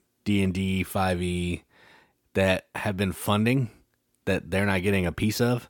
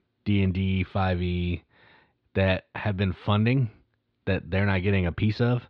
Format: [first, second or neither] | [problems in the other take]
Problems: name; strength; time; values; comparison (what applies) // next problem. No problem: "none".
first | muffled; very slightly; fading above 4 kHz